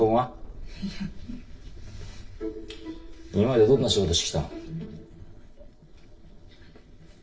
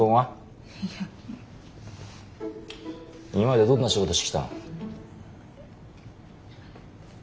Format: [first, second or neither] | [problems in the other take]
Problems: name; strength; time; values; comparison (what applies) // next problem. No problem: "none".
second | noise reduction (neural separator model SepFormer DNS4)